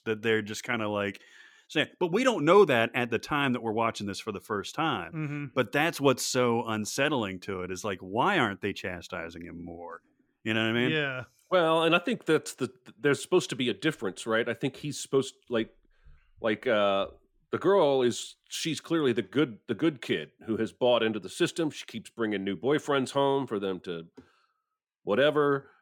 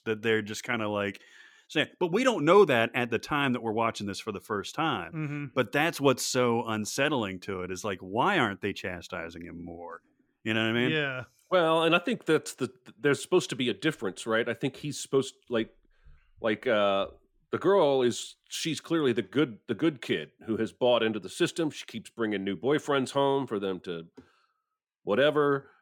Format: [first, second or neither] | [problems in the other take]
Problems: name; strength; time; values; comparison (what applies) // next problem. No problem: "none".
neither | none